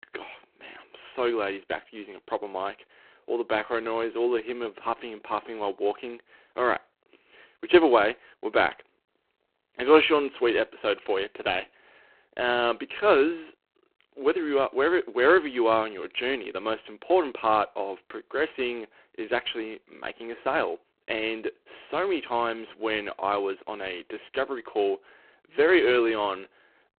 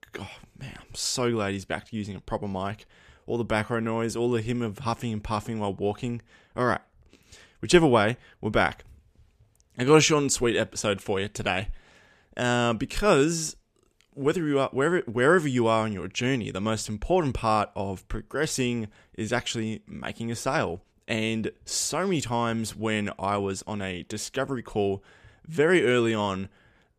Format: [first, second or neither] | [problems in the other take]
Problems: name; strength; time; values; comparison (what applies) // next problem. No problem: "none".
second | phone-call audio; poor line